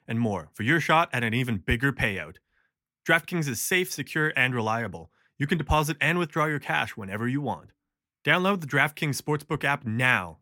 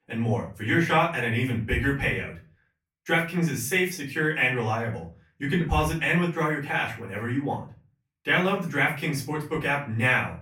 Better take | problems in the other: first | off-mic speech; far // room echo; slight; dies away in 0.3 s

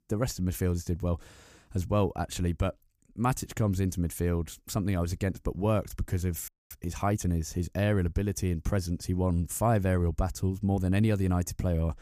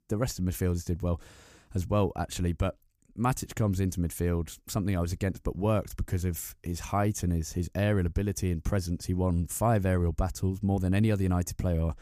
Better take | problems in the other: second | audio freezing; at 6.5 s

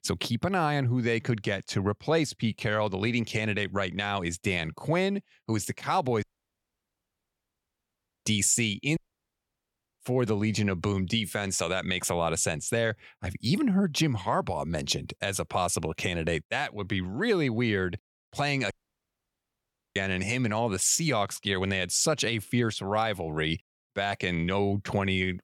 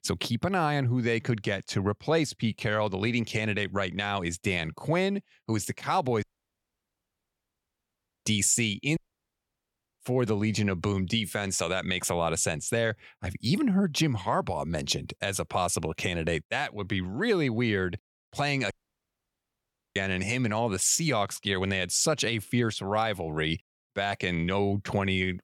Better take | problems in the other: neither | audio cutting out; at 6 s for 2 s, at 9 s for 1 s and at 19 s for 1.5 s; the same in both

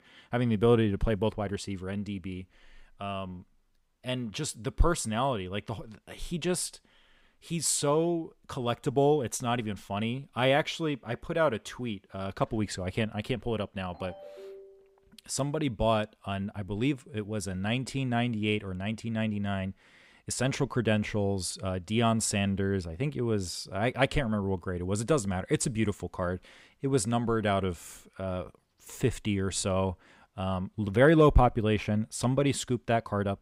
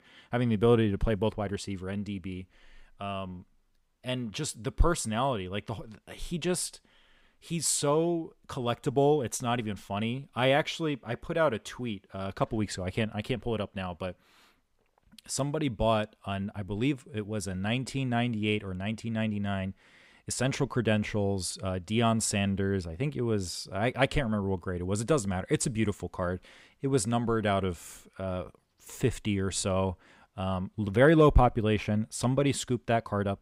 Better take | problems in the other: second | phone ringing; faint; at 14 s; peak 15 dB below the speech

